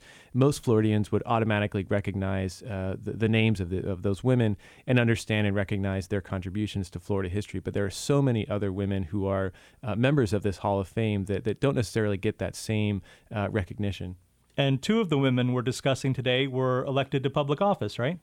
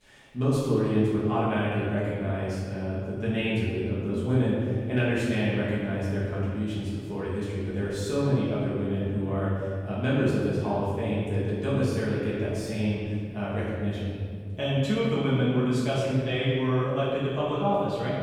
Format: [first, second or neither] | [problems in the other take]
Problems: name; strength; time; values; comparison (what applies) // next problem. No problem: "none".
first | room echo; strong; dies away in 2 s // off-mic speech; far